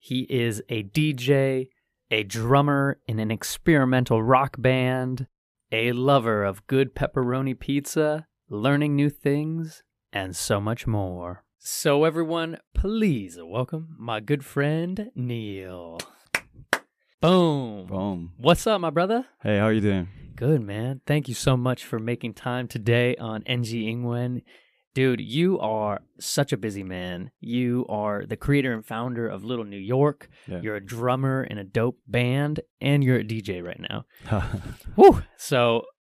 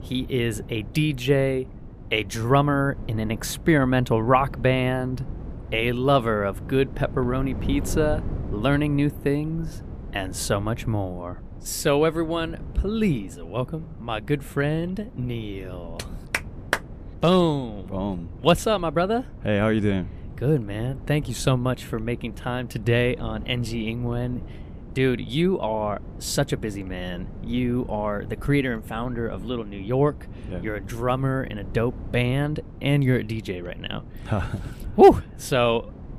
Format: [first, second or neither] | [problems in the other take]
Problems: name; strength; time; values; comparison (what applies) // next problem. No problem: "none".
first | wind noise on the microphone; occasional gusts; 20 dB below the speech